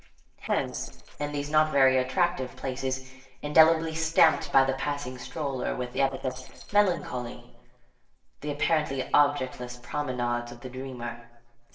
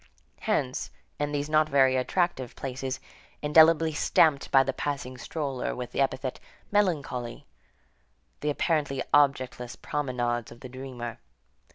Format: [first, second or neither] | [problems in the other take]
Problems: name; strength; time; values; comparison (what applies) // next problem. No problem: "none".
second | noise reduction (neural separator model SepFormer DNS4)